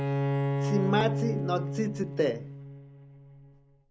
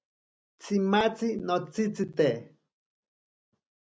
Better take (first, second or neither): second